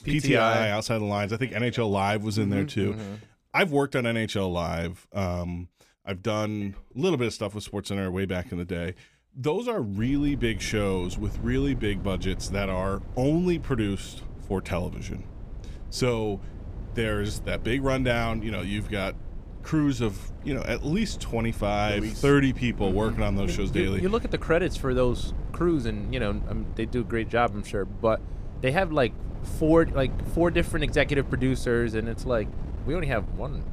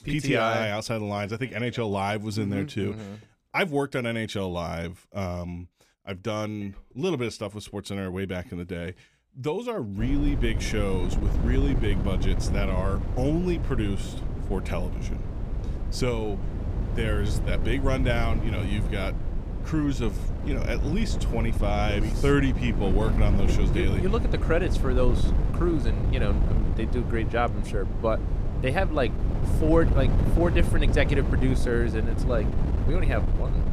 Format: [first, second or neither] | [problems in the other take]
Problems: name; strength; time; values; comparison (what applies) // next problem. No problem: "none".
first | wind noise on the microphone; heavy; from 10 s on; 8 dB below the speech; occasional gusts in the first